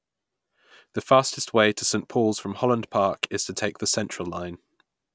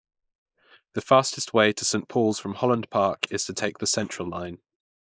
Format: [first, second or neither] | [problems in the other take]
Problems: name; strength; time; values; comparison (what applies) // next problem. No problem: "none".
first | noise reduction (neural mask model Resemble Enhance denoiser)